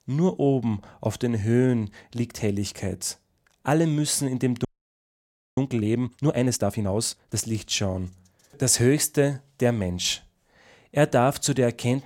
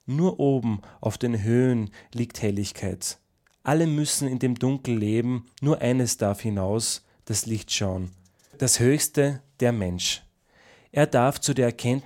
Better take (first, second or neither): second